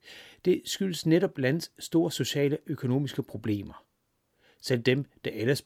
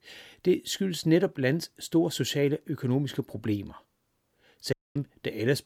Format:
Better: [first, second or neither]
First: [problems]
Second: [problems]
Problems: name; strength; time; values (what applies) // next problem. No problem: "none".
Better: first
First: none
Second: audio cutting out; at 4.5 s